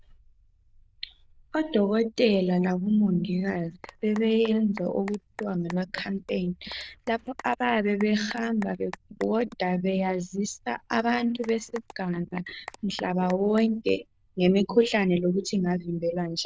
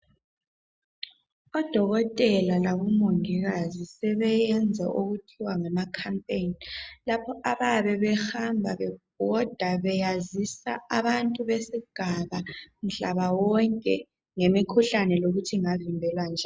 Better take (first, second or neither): second